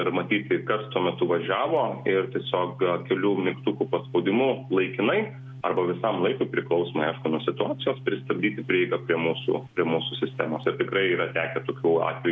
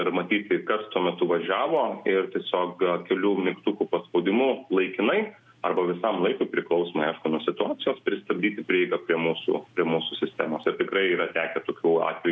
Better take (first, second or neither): second